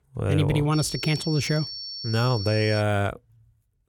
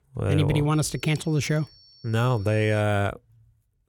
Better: second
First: high-pitched whine; loud; from 0.5 to 3 s; 5.5 kHz, 9 dB below the speech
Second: high-pitched whine; faint; from 0.5 to 3 s; 5.5 kHz, 25 dB below the speech

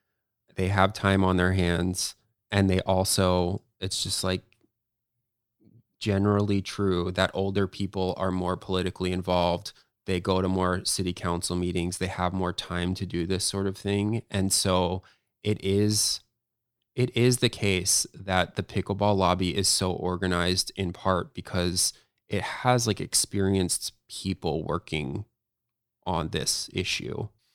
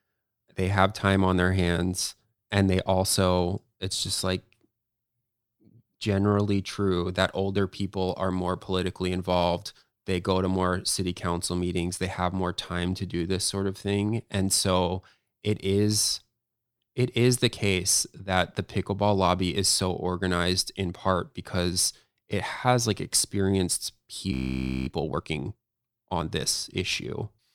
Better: first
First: none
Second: audio freezing; at 24 s for 0.5 s

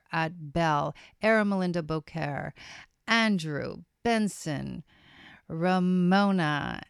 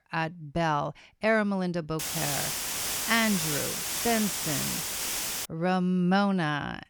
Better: first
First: none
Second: hiss; loud; from 2 to 5.5 s; 1 dB below the speech

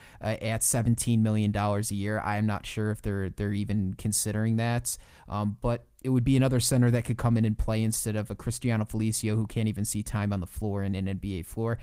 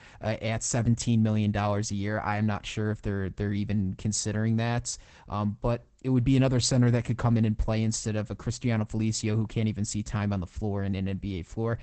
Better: first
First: garbled, watery; slightly; nothing above 15.5 kHz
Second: garbled, watery; badly; nothing above 8 kHz

